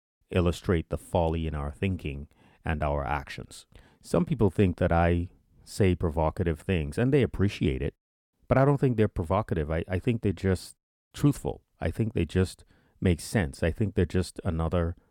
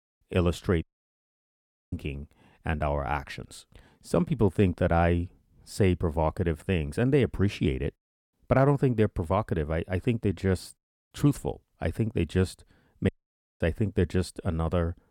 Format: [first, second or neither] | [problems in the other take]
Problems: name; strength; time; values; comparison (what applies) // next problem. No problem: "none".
first | audio cutting out; at 1 s for 1 s and at 13 s for 0.5 s